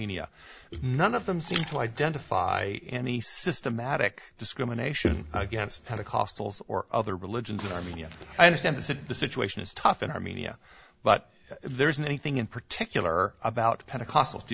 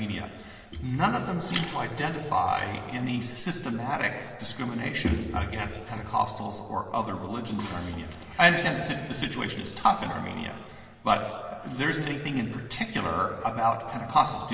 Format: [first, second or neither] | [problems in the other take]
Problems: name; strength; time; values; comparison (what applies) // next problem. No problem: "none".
first | room echo; dies away in 2.9 s